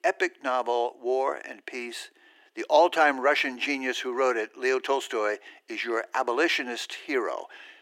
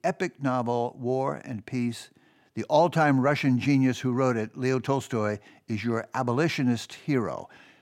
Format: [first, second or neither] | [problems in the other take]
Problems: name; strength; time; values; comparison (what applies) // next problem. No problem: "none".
second | thin; very; fading below 350 Hz